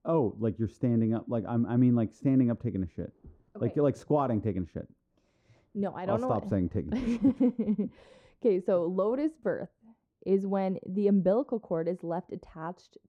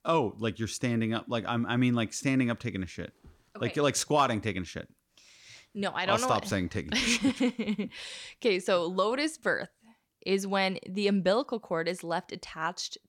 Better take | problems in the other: second | muffled; very; fading above 1.5 kHz

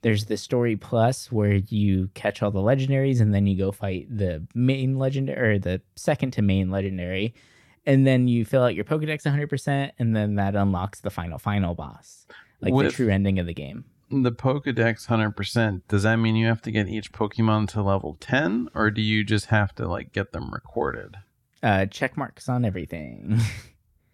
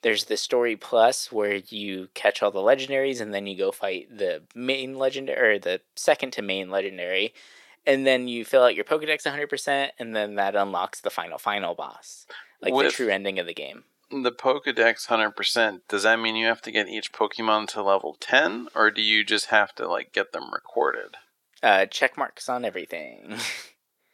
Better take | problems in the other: first | thin; very; fading below 450 Hz

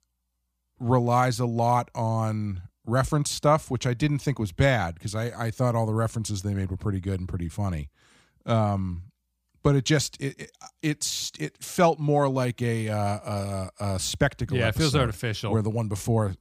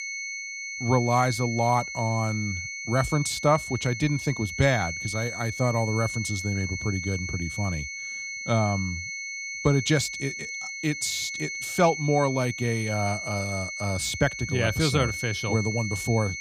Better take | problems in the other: first | high-pitched whine; loud; throughout; 2 kHz, 6 dB below the speech

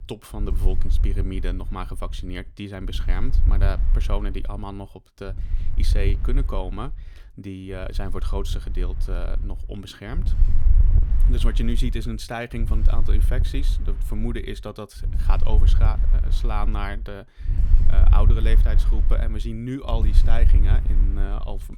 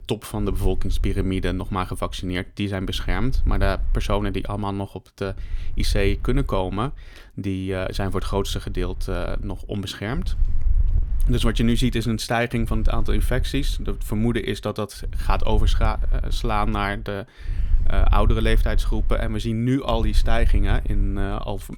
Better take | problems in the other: second | wind noise on the microphone; heavy; 9 dB below the speech; occasional gusts in the second

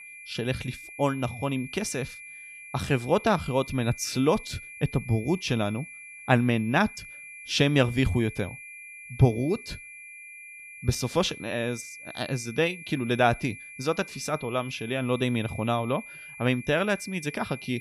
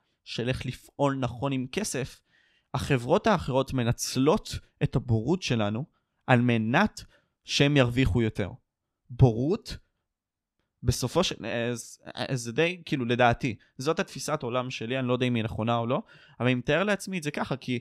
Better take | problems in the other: second | high-pitched whine; noticeable; throughout; 2.5 kHz, 15 dB below the speech

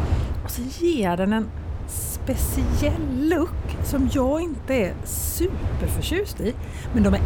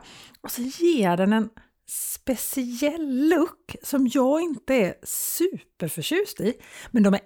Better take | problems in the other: second | wind noise on the microphone; occasional gusts; 10 dB below the speech

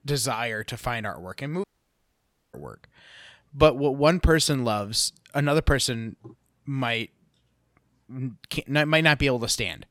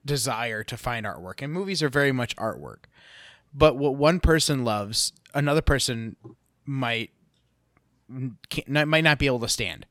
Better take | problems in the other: second | audio cutting out; at 1.5 s for 1 s

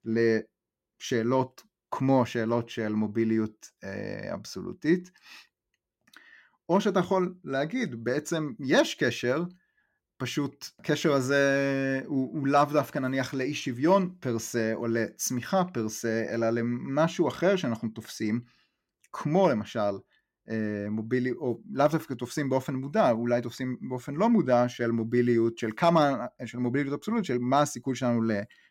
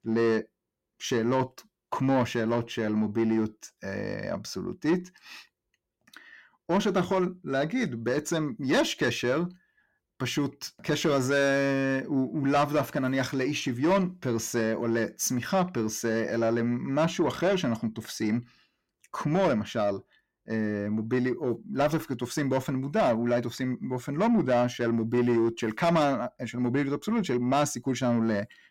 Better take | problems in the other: first | distortion; slight; 10 dB below the speech

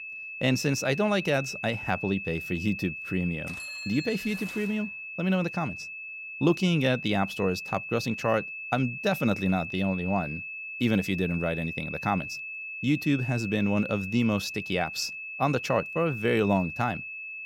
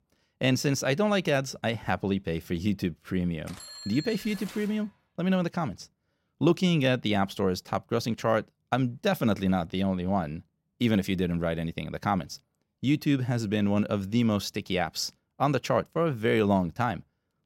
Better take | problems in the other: second | high-pitched whine; loud; throughout; 2.5 kHz, 7 dB below the speech

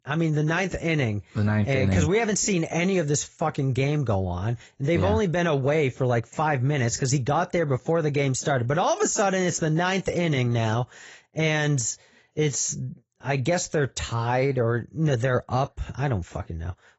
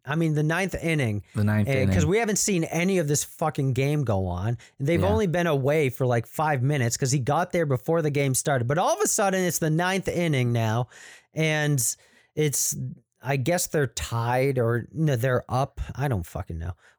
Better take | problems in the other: second | garbled, watery; badly; nothing above 7.5 kHz

